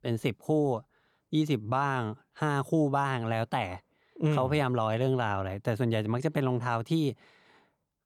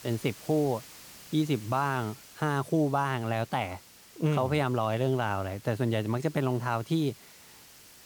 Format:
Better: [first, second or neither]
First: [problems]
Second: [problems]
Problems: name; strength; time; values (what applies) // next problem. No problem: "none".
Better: first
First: none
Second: hiss; noticeable; throughout; 20 dB below the speech